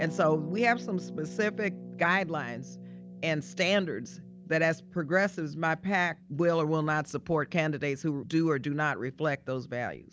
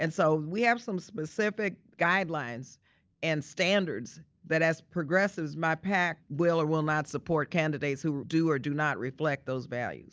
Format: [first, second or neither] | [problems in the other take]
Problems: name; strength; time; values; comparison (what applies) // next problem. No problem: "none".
second | background sound (Harp); 15 dB below the speech